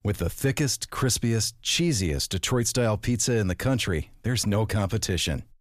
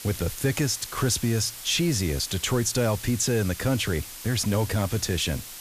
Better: first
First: none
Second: hiss; noticeable; throughout; 10 dB below the speech

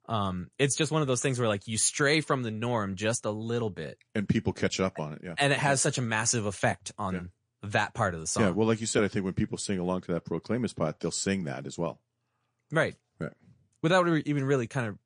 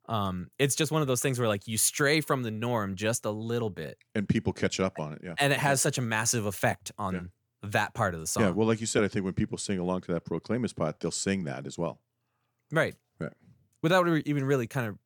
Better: second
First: garbled, watery; slightly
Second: none

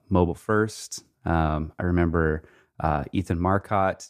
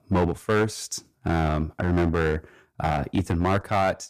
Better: first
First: none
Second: distortion; heavy; 7% of the sound clipped

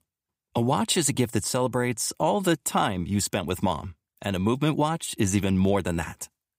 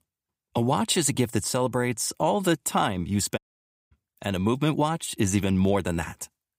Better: first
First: none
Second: audio cutting out; at 3.5 s for 0.5 s

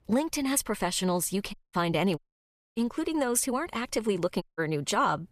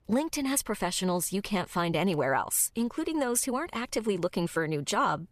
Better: second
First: audio cutting out; at 1.5 s, at 2 s for 0.5 s and at 4.5 s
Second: none

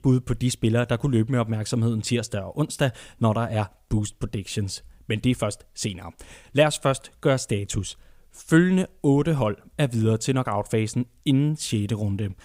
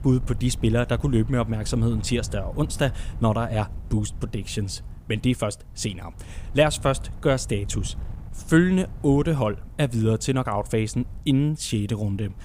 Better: first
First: none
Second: wind noise on the microphone; occasional gusts; 25 dB below the speech

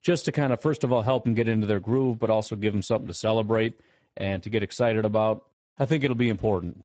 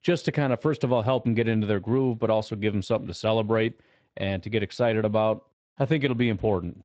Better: second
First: garbled, watery; badly; nothing above 8 kHz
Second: garbled, watery; slightly; nothing above 8 kHz

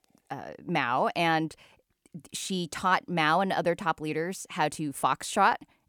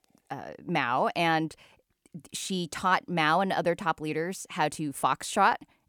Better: neither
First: none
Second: none

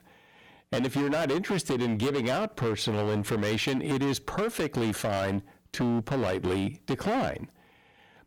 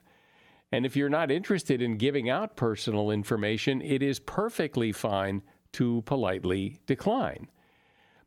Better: second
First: distortion; heavy; 20% of the sound clipped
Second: none

